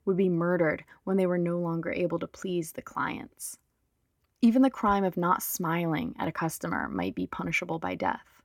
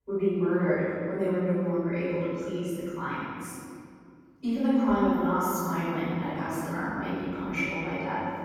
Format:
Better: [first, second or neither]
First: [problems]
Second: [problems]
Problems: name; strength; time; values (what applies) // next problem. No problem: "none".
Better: first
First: none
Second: room echo; strong; dies away in 2.2 s // off-mic speech; far